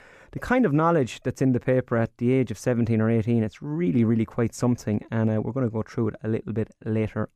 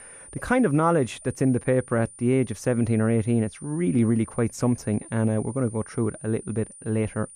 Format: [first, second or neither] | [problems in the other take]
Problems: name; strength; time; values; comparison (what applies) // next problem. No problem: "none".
first | high-pitched whine; noticeable; throughout; 9.5 kHz, 20 dB below the speech